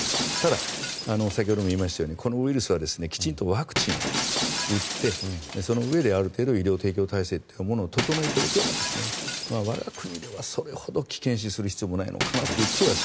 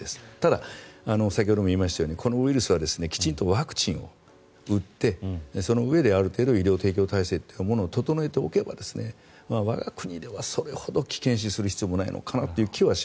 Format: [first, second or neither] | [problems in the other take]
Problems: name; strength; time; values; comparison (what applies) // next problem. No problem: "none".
second | background sound (Shatter); 5 dB below the speech